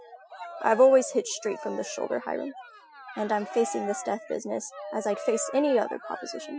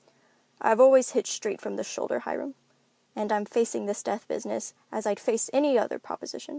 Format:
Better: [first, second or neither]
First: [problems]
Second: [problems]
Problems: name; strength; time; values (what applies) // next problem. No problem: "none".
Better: second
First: noise reduction (classical method Wiener filter)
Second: none